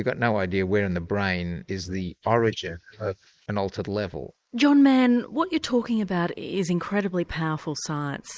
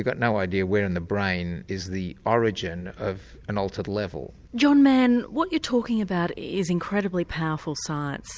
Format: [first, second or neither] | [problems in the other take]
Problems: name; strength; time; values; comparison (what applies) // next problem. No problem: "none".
second | noise reduction (neural mask model Resemble Enhance denoiser)